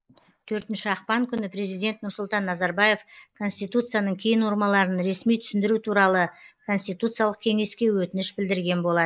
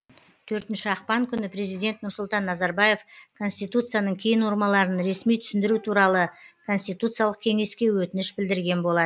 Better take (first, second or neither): second